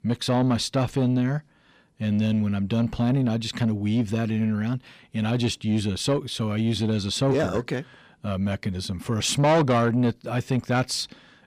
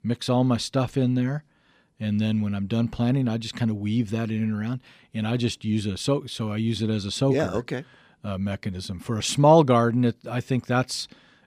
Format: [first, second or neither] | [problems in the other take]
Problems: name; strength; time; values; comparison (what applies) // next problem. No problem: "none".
second | distortion; slight; 10 dB below the speech